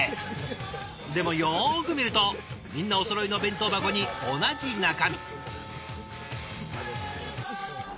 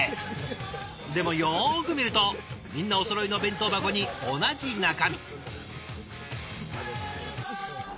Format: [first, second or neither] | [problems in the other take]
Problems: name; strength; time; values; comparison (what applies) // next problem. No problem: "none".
second | background sound (Church bell / Percussion); 17 dB below the speech